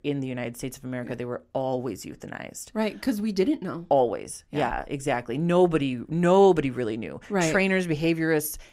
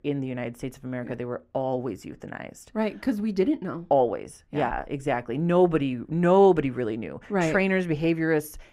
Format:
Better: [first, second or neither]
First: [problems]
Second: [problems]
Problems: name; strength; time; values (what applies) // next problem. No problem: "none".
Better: first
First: none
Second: muffled; slightly; fading above 3 kHz